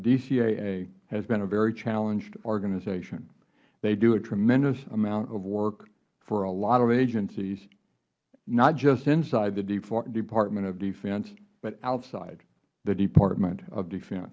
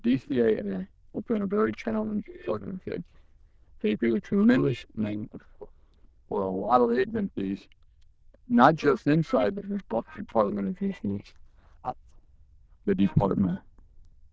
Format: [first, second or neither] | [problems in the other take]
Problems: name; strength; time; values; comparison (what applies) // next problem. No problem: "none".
first | noise reduction (neural diffusion model UNIVERSE++)